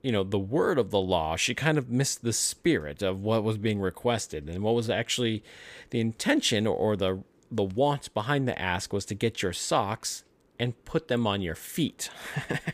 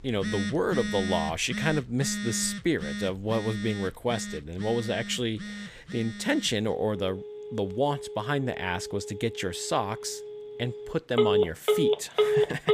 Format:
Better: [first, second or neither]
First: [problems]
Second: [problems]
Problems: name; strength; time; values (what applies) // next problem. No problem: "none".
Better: first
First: none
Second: alarms or sirens; loud; throughout; 3 dB below the speech